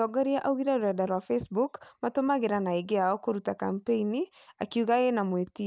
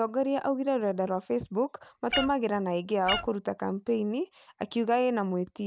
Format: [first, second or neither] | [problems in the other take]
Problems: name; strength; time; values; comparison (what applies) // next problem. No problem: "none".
first | background sound (Meow); 6 dB below the speech